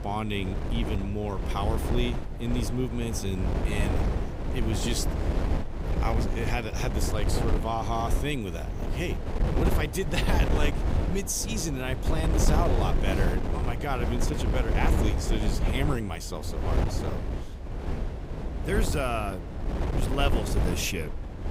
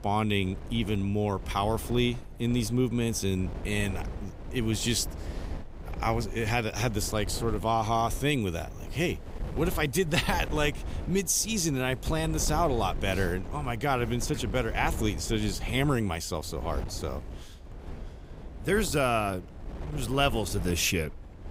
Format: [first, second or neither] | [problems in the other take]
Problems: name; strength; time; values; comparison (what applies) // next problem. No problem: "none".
second | wind noise on the microphone; heavy; 3 dB below the speech; occasional gusts in the second